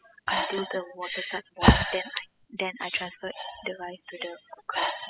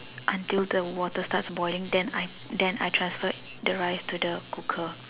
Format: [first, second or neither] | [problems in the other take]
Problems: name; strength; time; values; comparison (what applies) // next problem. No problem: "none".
second | noise reduction (classical method spectral subtraction)